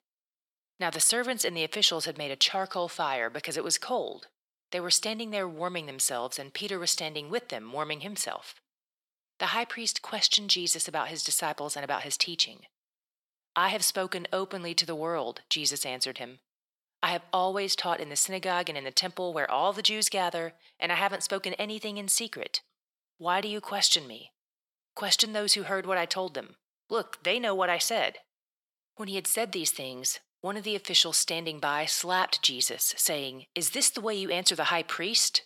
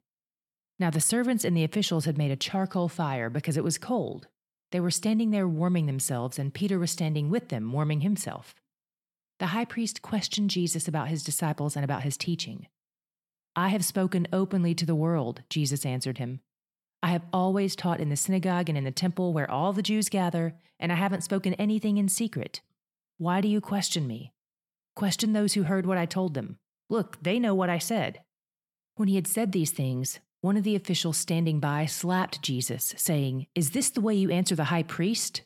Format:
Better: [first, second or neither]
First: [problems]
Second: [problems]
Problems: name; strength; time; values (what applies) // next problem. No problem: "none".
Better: second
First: thin; very; fading below 550 Hz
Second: none